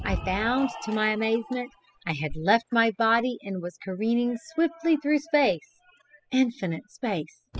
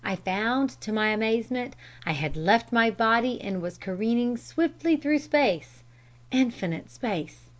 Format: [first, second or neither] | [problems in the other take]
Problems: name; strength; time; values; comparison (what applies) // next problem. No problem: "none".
second | noise reduction (classical method spectral subtraction)